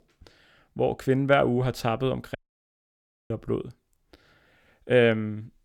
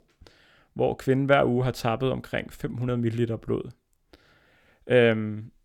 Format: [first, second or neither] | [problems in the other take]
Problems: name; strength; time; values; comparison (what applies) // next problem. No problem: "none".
second | audio cutting out; at 2.5 s for 1 s